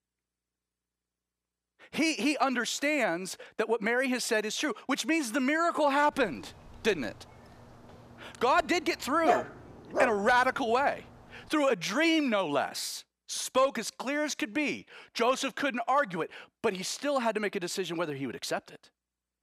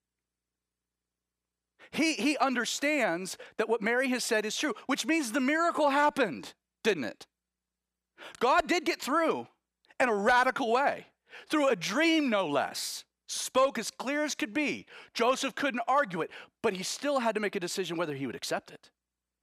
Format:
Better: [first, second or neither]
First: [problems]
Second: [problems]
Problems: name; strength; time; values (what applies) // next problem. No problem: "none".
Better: second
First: dog barking; noticeable; at 9.5 s; peak level with the speech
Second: none